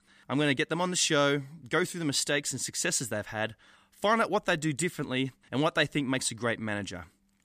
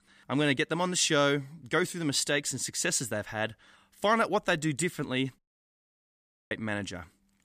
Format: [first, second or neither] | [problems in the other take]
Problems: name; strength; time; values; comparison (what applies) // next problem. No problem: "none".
first | audio cutting out; at 5.5 s for 1 s